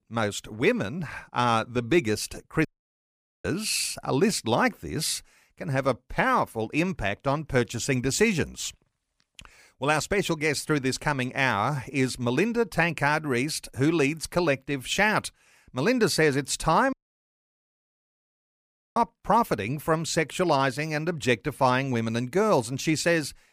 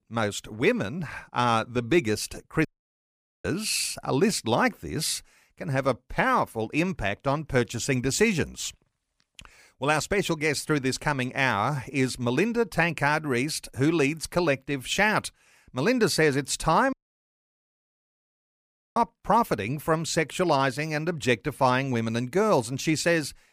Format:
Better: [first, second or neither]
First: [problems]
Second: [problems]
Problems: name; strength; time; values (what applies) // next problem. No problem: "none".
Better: neither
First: audio cutting out; at 2.5 s for 1 s and at 17 s for 2 s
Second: audio cutting out; at 2.5 s for 1 s and at 17 s for 2 s